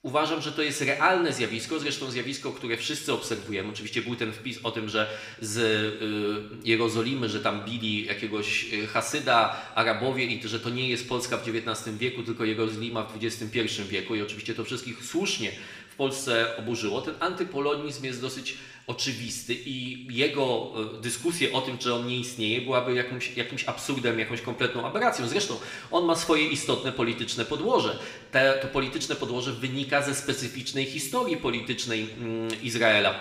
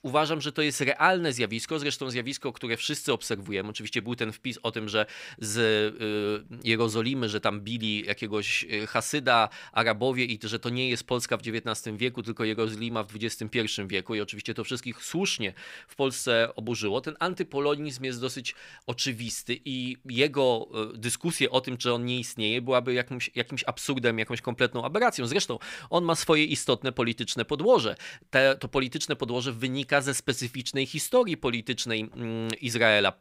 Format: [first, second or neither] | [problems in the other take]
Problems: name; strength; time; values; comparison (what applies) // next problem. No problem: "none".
second | room echo; slight; dies away in 0.9 s